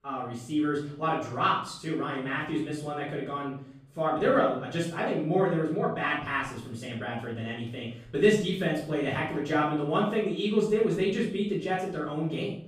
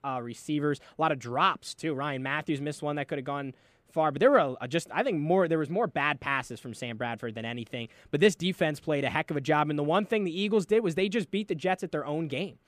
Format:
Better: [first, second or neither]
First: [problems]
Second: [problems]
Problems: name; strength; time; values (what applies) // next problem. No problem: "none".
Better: second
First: off-mic speech; far // room echo; noticeable; dies away in 0.5 s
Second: none